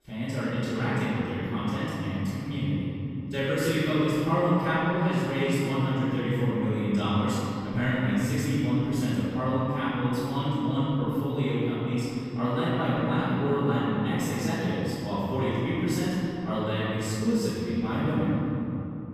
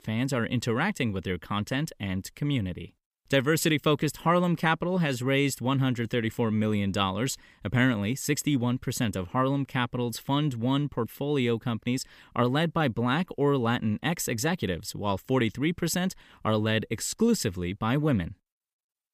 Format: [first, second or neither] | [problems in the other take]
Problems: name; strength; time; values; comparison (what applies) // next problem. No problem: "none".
second | off-mic speech; far // room echo; strong; dies away in 3 s